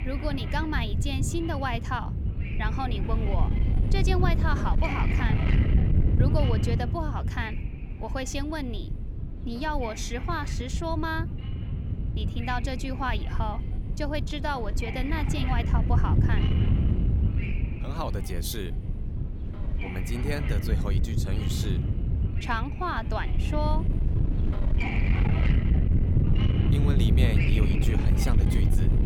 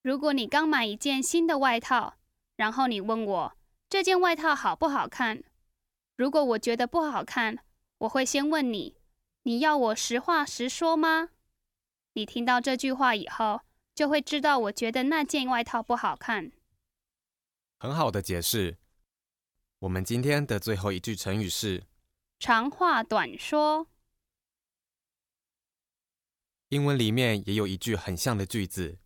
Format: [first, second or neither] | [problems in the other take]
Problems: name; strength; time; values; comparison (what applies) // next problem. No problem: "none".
second | wind noise on the microphone; heavy; 5 dB below the speech